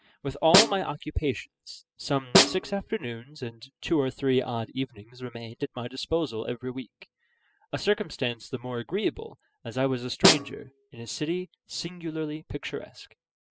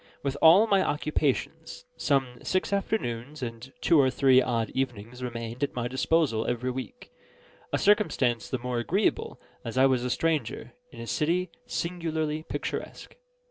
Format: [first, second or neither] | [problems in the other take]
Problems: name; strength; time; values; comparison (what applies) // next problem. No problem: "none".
second | noise reduction (classical method spectral subtraction)